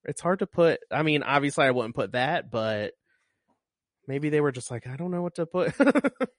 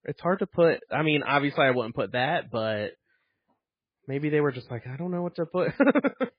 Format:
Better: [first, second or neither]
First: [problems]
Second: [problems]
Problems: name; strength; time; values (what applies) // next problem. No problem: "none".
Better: first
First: garbled, watery; slightly; nothing above 10.5 kHz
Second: garbled, watery; badly; nothing above 4 kHz